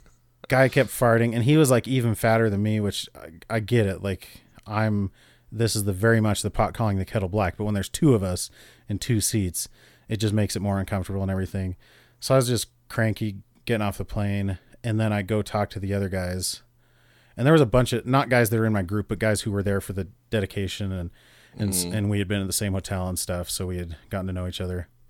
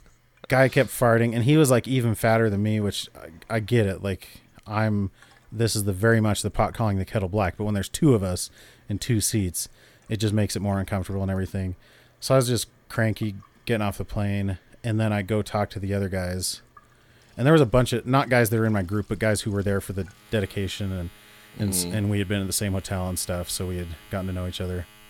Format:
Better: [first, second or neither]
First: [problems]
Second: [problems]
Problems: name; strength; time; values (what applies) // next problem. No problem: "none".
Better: first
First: none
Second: household noises; faint; throughout; 30 dB below the speech